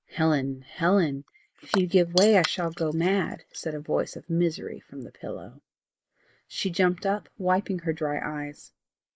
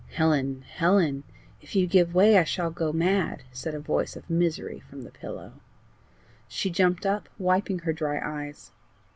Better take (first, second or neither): second